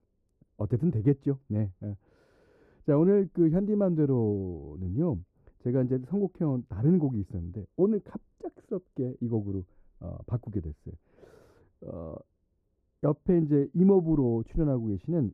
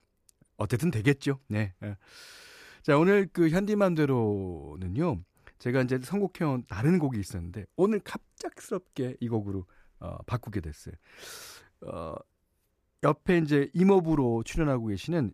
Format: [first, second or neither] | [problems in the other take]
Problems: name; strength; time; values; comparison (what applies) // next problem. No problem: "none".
second | muffled; very; fading above 1 kHz